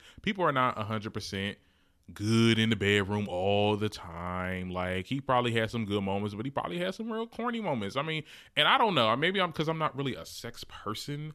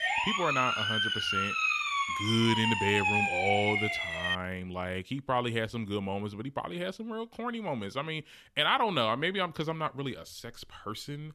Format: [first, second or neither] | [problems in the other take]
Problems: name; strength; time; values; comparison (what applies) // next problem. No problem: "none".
first | siren; loud; until 4.5 s; peak 5 dB above the speech